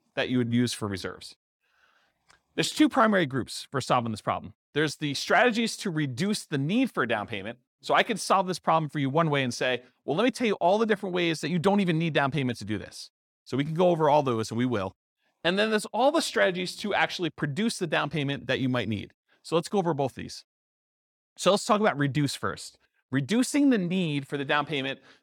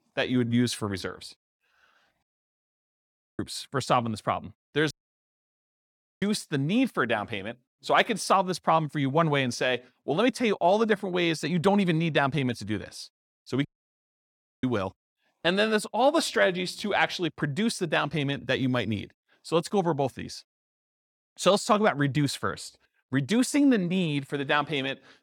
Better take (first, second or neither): first